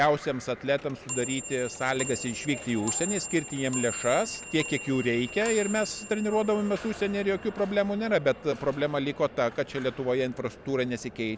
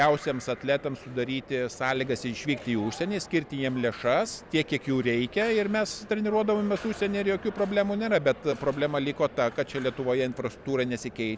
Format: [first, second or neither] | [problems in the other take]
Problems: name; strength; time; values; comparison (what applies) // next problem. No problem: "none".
second | background sound (Clock); 11 dB below the speech